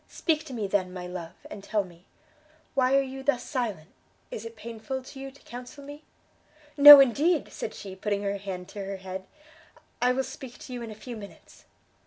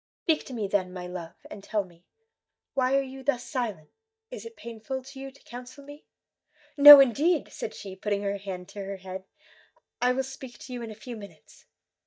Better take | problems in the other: first | noise reduction (neural mask model DeepFilterNet 3)

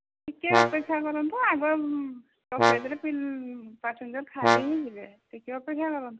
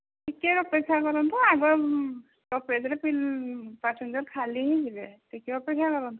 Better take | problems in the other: second | background sound (Brass instrument); 2 dB above the speech

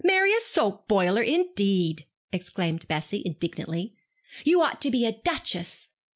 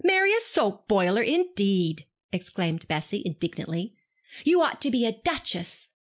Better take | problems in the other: first | noise reduction (neural mask model Resemble Enhance denoiser)

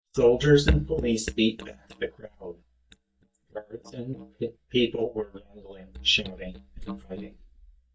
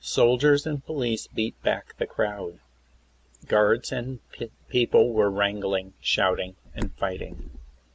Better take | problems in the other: second | noise reduction (neural mask model DeepFilterNet 3)

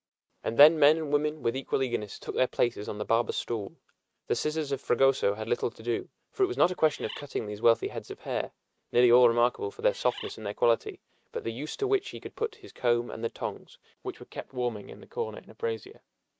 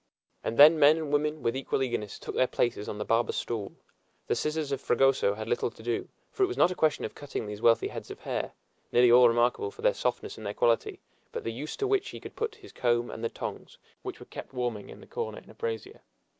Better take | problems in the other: second | noise reduction (neural mask model RNNoise)

